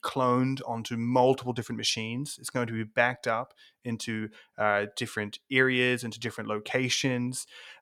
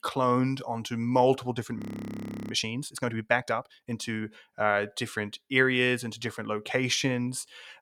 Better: first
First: none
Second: audio freezing; at 2 s for 0.5 s

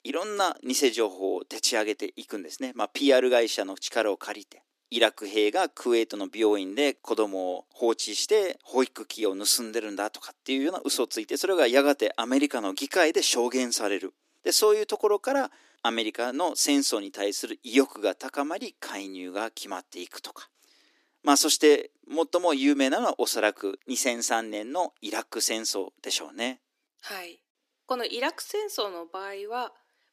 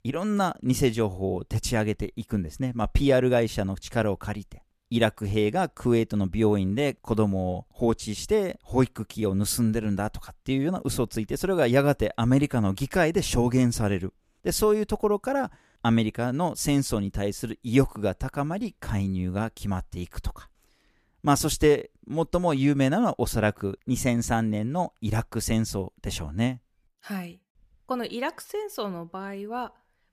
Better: second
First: thin; somewhat; fading below 300 Hz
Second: none

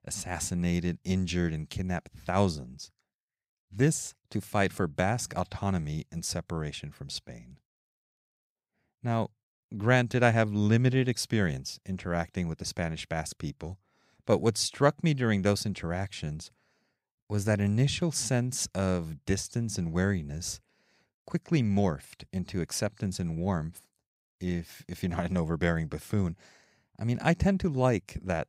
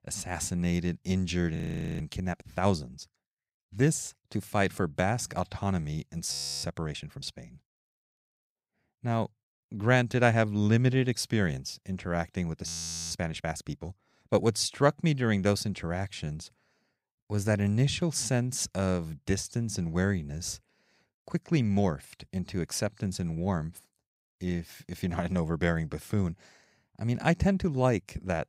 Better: first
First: none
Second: audio freezing; at 1.5 s, at 6.5 s and at 13 s

